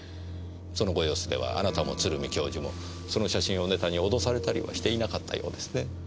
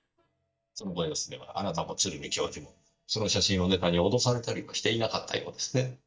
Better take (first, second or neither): first